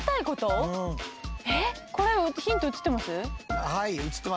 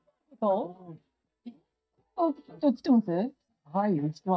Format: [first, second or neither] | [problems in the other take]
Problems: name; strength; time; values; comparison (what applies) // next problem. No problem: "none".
first | noise reduction (neural mask model DeepFilterNet 3)